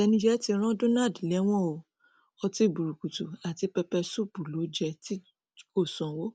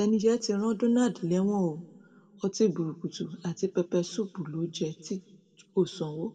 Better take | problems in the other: first | room echo; dies away in 0.7 s

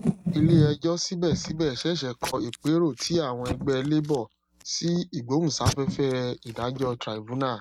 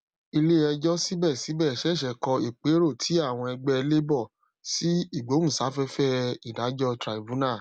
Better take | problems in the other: second | noise reduction (neural mask model RNNoise)

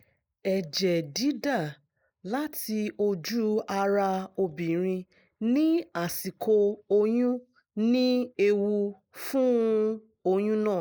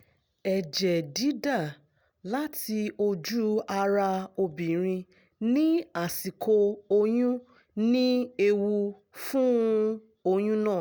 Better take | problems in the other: second | noise reduction (neural mask model Resemble Enhance denoiser)

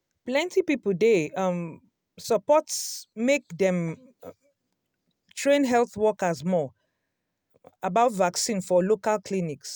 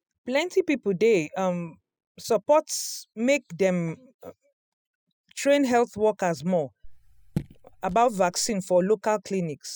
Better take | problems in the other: first | noise reduction (classical method spectral subtraction)

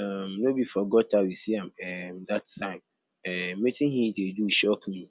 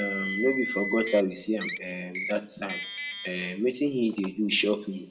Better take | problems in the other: first | background sound (Car); 8 dB below the speech // room echo; dies away in 0.5 s

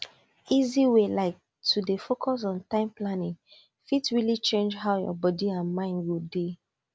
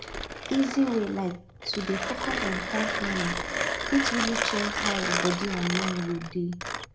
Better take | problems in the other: first | background sound (Mechanisms); 1 dB below the speech // room echo; dies away in 0.4 s

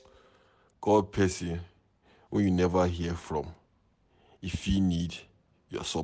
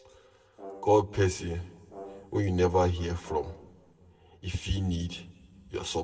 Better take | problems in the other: first | background sound (Brass instrument); 18 dB below the speech // room echo; dies away in 1.7 s

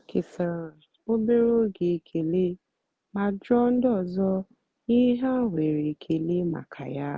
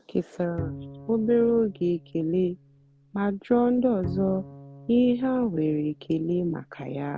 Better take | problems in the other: first | background sound (Bowed string instrument); 16 dB below the speech

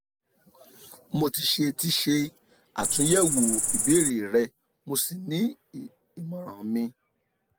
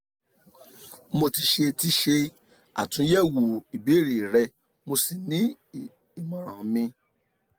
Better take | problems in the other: second | background sound (Cricket); 2 dB above the speech

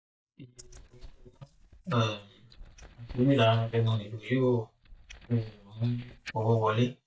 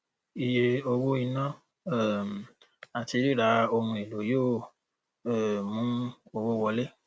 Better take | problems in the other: second | noise reduction (neural mask model DeepFilterNet 3)

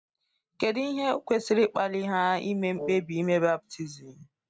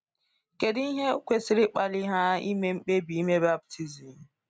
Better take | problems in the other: second | noise reduction (neural separator model SepFormer DNS4)

